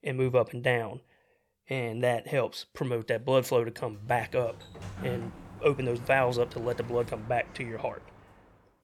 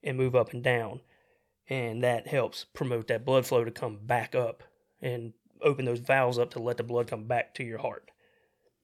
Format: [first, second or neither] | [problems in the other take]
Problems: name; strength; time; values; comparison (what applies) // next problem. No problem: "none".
second | door banging; noticeable; from 4 to 8 s; peak 9 dB below the speech